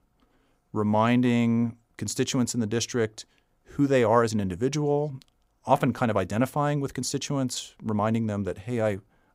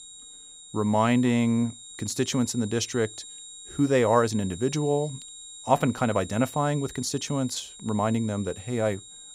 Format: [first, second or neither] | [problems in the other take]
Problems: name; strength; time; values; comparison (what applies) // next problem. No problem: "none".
first | high-pitched whine; noticeable; throughout; 7.5 kHz, 15 dB below the speech